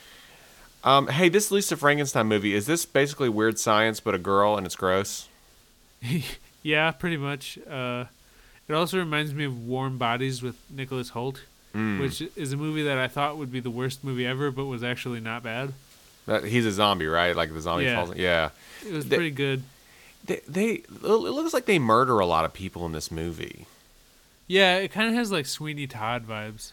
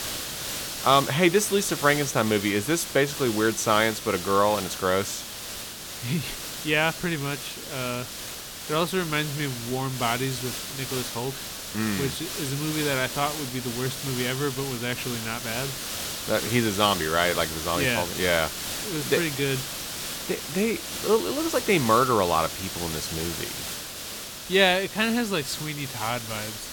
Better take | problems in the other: first | hiss; loud; throughout; 6 dB below the speech; faint in the first

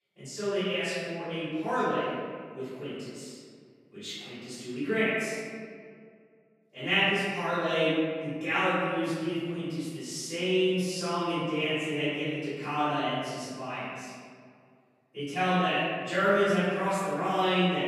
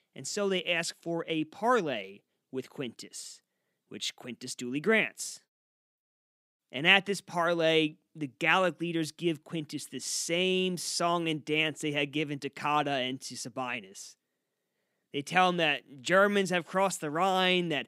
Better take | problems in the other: second | off-mic speech; far // room echo; strong; dies away in 1.9 s

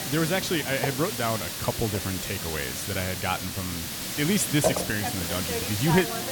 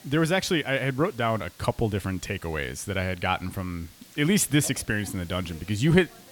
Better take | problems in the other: second | hiss; loud; throughout; 1 dB below the speech; faint in the second

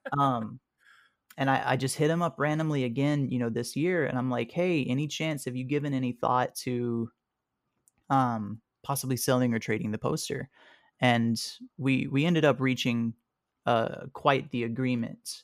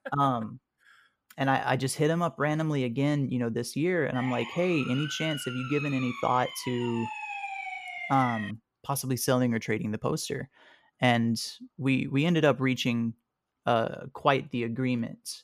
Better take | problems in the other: first | siren; noticeable; from 4 to 8.5 s; peak 6 dB below the speech

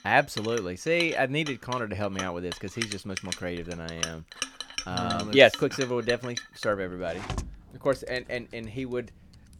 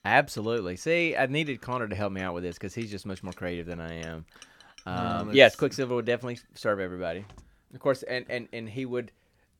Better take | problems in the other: second | household noises; loud; throughout; 9 dB below the speech; faint in the second

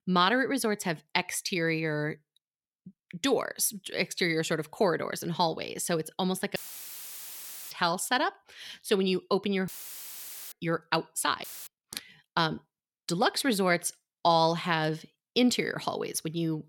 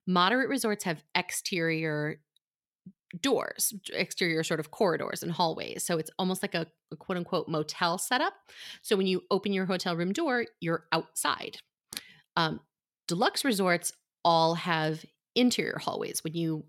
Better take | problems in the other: second | audio cutting out; filled with static; at 6.5 s for 1 s, at 9.5 s for 1 s and at 11 s

